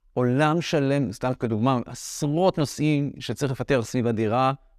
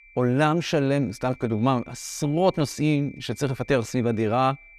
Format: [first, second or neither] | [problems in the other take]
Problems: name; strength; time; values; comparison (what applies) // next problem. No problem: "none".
first | high-pitched whine; faint; throughout; 2.5 kHz, 25 dB below the speech